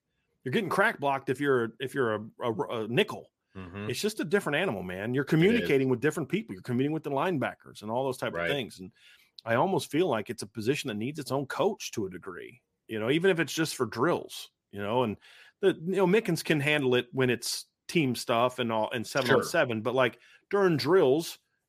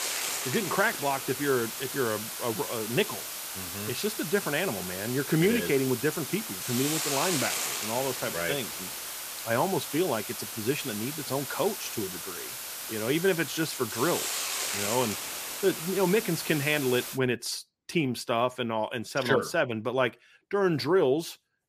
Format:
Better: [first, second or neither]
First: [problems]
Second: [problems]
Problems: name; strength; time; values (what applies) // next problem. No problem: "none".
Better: first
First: none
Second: hiss; loud; until 17 s; 4 dB below the speech